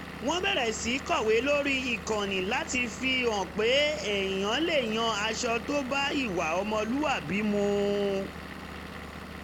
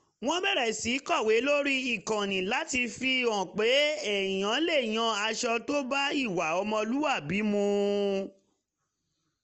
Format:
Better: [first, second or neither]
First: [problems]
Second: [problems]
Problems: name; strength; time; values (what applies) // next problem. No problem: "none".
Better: second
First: background sound (Engine / Vehicle); 11 dB below the speech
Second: none